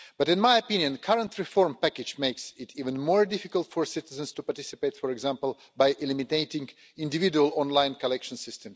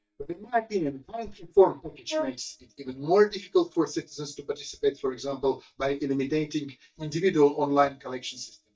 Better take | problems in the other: first | noise reduction (neural mask model DeepFilterNet 3)

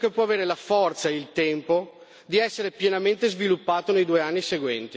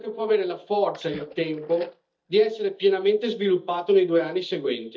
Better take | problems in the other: first | noise reduction (neural mask model DeepFilterNet 3)

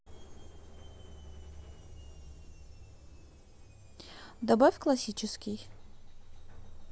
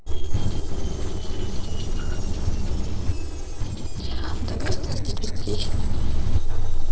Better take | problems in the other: first | noise reduction (neural separator model SepFormer DNS4)

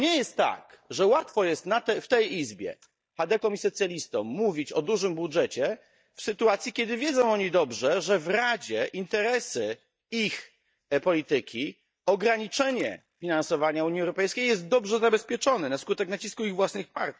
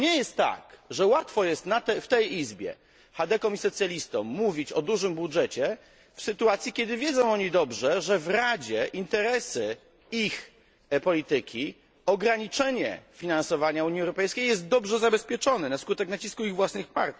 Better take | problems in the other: second | noise reduction (neural mask model DeepFilterNet 3)

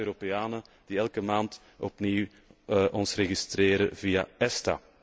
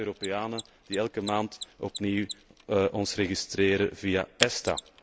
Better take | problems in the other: first | background sound (Mechanisms); 10 dB below the speech

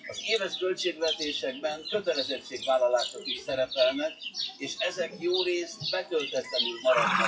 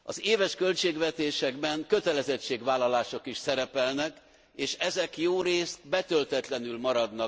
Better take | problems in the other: second | noise reduction (classical method WPE with log-MMSE)

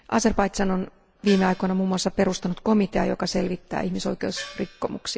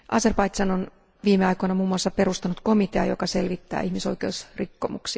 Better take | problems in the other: second | background sound (Gong); 17 dB below the speech

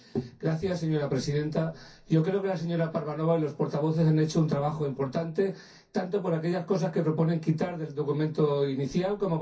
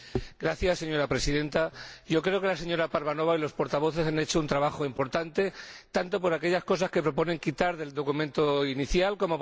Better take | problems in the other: second | room echo; dies away in 0.3 s

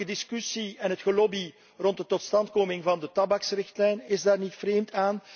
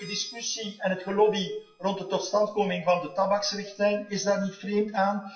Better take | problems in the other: first | noise reduction (classical method WPE with log-MMSE)

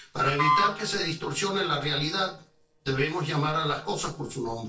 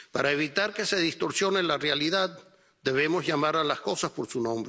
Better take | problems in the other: second | noise reduction (neural separator model SepFormer DNS4)

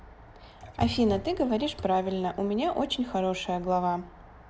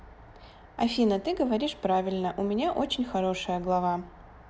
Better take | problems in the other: second | background sound (Liquid); 12 dB below the speech

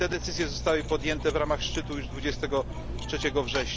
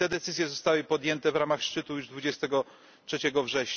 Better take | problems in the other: second | background sound (Cutlery, silverware); 5 dB below the speech

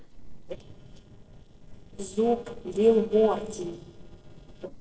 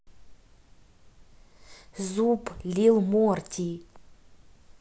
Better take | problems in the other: second | noise reduction (neural separator model SepFormer DNS4)

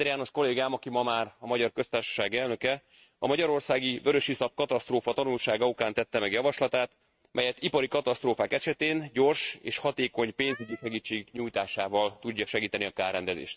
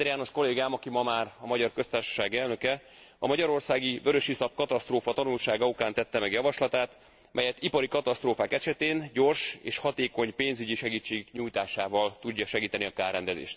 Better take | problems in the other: second | noise reduction (neural mask model RNNoise)

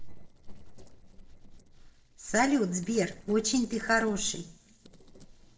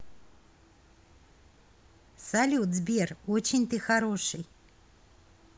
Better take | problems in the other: second | noise reduction (neural separator model SepFormer DNS4)

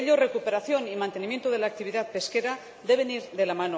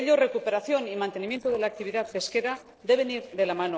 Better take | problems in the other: first | noise reduction (neural separator model SepFormer DNS4)

